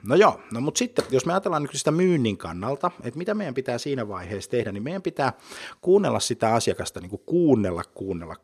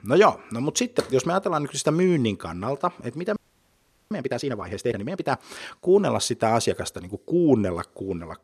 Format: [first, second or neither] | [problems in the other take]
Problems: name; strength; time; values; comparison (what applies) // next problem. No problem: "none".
first | audio freezing; at 3.5 s for 1 s